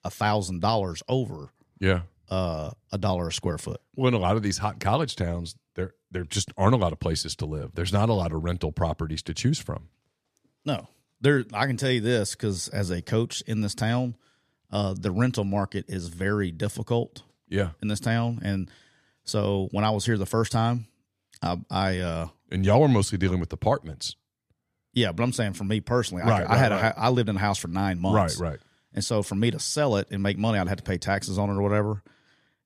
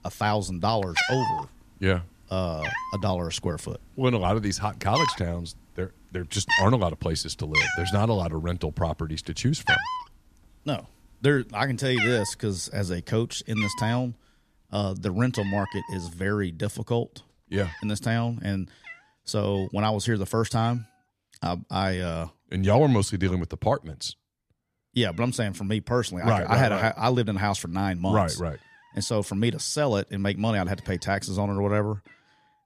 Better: first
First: none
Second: animal sounds; loud; throughout; 2 dB below the speech

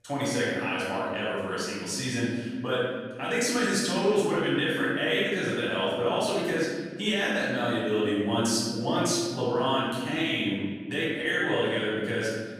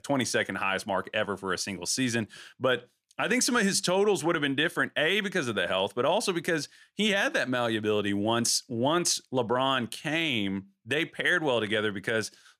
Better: second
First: room echo; strong; dies away in 1.8 s // off-mic speech; far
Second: none

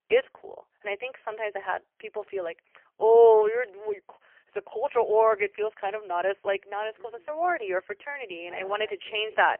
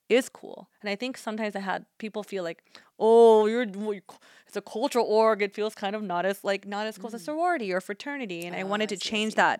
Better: second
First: phone-call audio; poor line; nothing above 3 kHz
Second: none

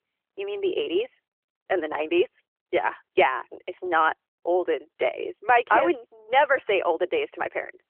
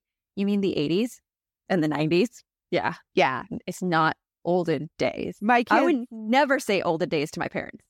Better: second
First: phone-call audio; nothing above 3 kHz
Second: none

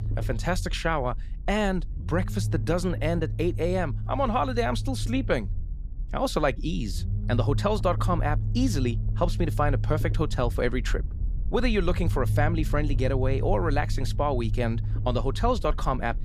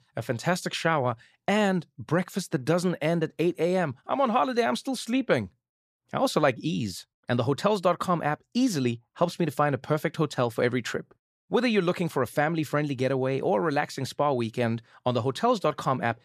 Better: second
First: low rumble; noticeable; throughout; 15 dB below the speech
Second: none

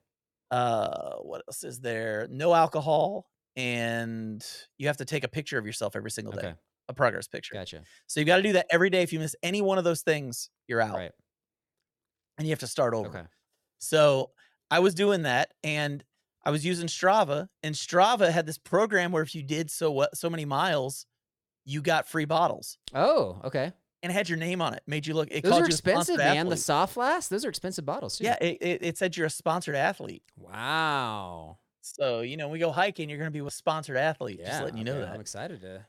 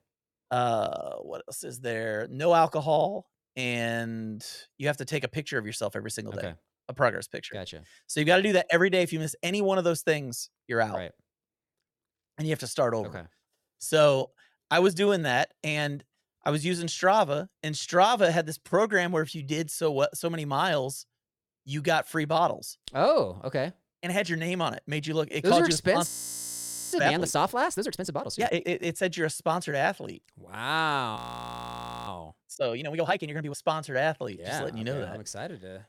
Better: first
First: none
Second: audio freezing; at 26 s for 1 s and at 31 s for 1 s

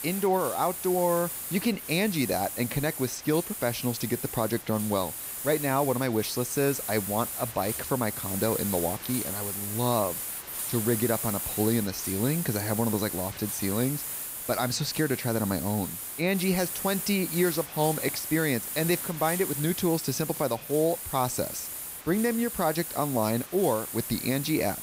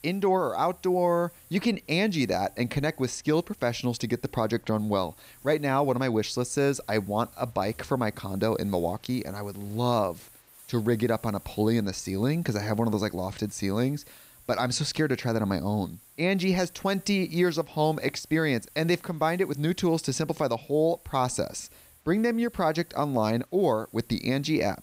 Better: second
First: hiss; loud; throughout; 4 dB below the speech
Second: hiss; faint; throughout; 25 dB below the speech

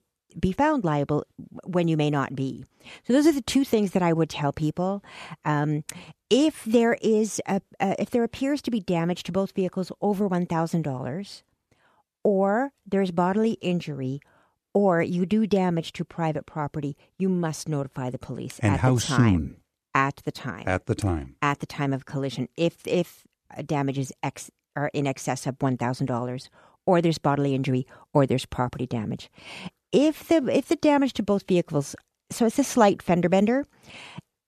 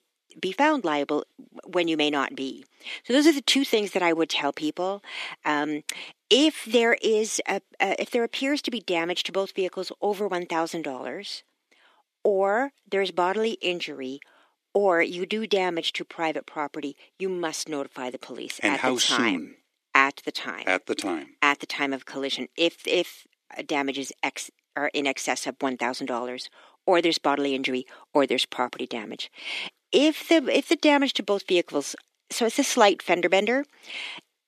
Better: first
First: none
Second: thin; very slightly; fading below 300 Hz

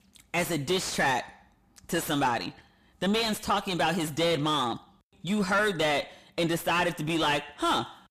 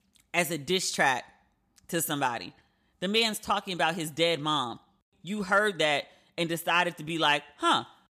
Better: second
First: distortion; heavy; 5 dB below the speech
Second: none

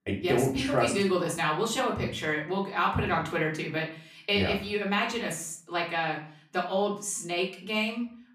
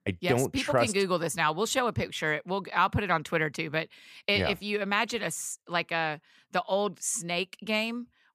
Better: second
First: off-mic speech; far // room echo; slight; dies away in 0.4 s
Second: none

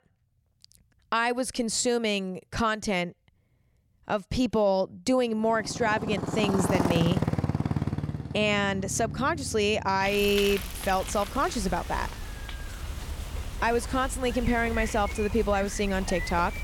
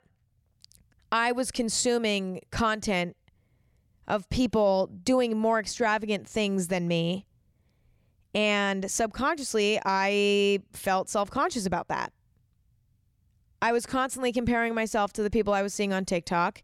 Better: second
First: traffic noise; loud; from 5.5 s on; 6 dB below the speech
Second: none

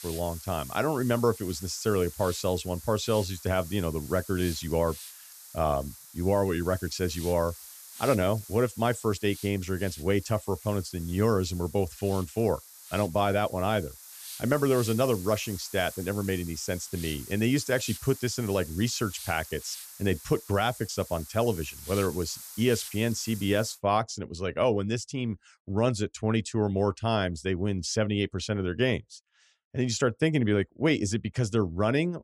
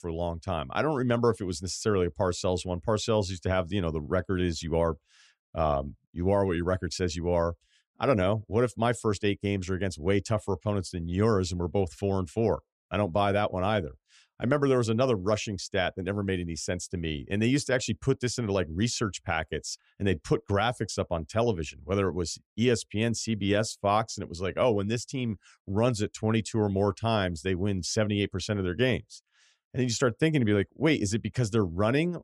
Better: second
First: hiss; noticeable; until 24 s; 15 dB below the speech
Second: none

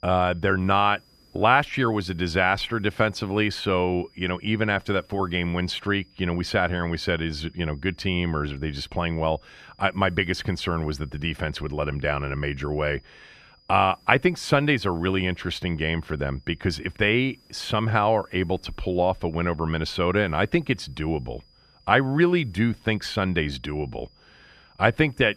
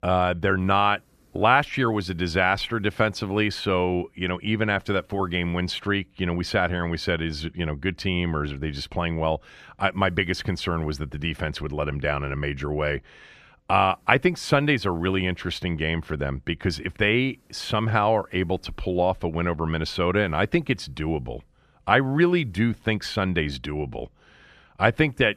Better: second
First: high-pitched whine; faint; throughout; 5 kHz, 35 dB below the speech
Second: none

